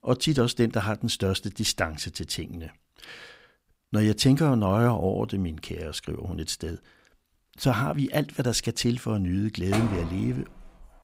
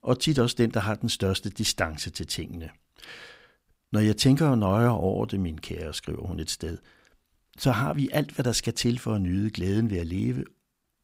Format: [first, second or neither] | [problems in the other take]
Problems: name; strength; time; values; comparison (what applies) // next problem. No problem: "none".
second | door banging; noticeable; from 9.5 s on; peak 5 dB below the speech